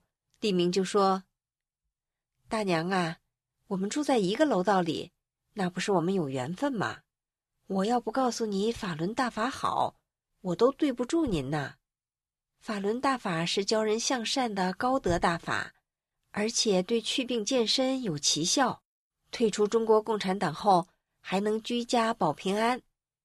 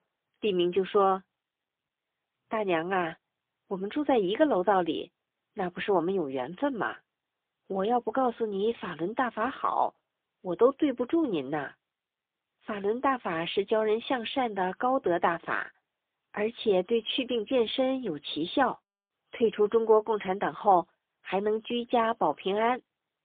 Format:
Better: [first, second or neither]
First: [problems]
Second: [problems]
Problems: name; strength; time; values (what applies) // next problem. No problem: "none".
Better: first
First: none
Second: phone-call audio; poor line; nothing above 3.5 kHz